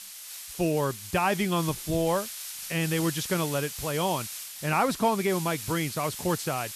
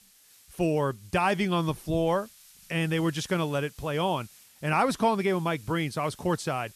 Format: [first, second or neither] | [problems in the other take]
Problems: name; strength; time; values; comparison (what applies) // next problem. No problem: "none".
second | hiss; loud; throughout; 8 dB below the speech; faint in the second